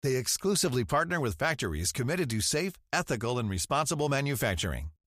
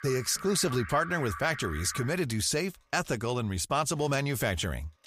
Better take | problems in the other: first | alarms or sirens; noticeable; throughout; 10 dB below the speech

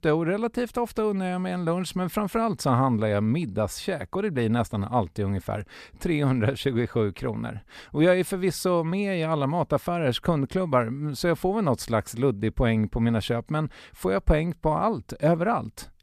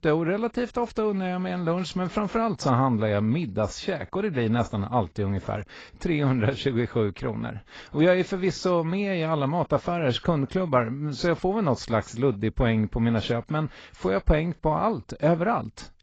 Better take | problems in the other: first | garbled, watery; badly; nothing above 7.5 kHz

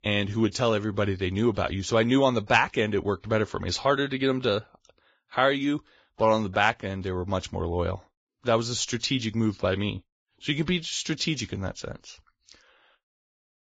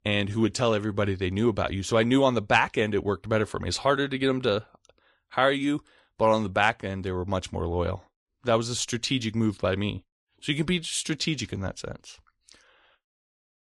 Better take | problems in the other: second | garbled, watery; badly; nothing above 7.5 kHz; slightly in the second

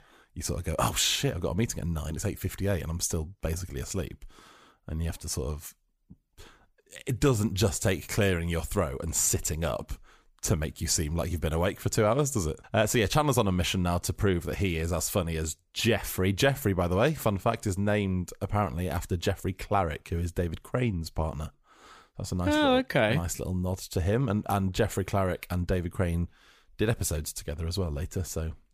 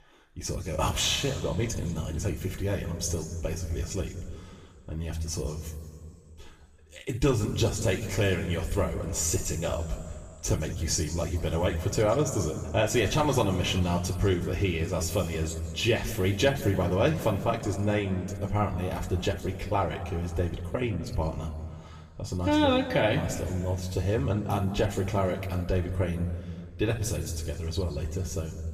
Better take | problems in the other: first | room echo; slight; dies away in 2 s // off-mic speech; somewhat distant

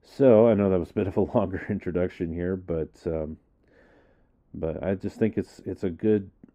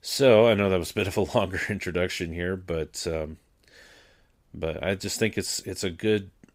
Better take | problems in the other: second | muffled; very; fading above 2 kHz

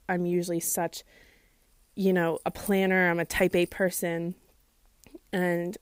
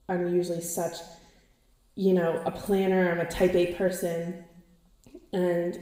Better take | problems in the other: first | room echo; noticeable; dies away in 0.9 s // off-mic speech; somewhat distant

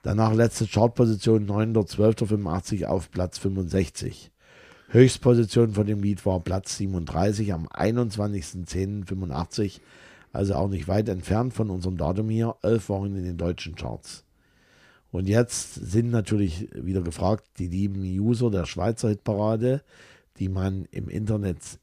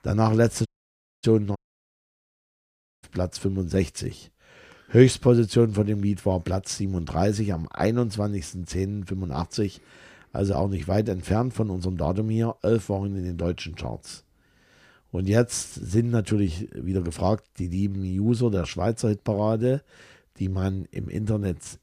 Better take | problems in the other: first | audio cutting out; at 0.5 s for 0.5 s and at 1.5 s for 1.5 s

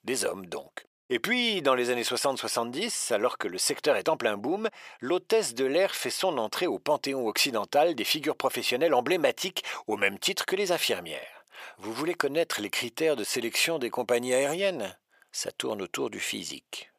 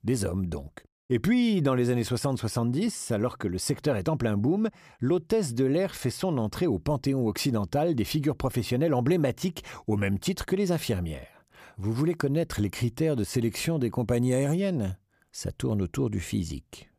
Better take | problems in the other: second | thin; very; fading below 600 Hz

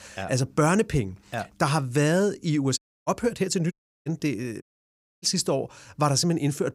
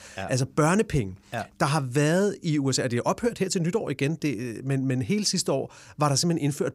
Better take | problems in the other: second | audio cutting out; at 3 s, at 3.5 s and at 4.5 s for 0.5 s

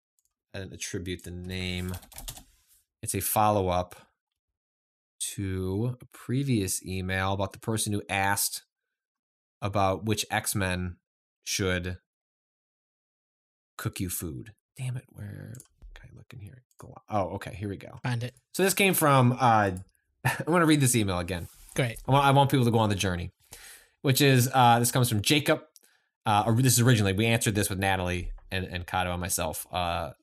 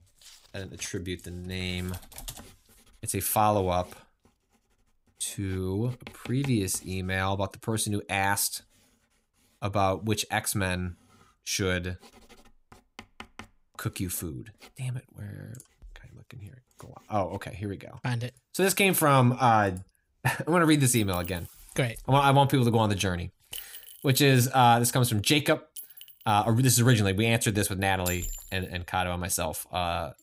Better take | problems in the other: first | household noises; noticeable; throughout; 20 dB below the speech

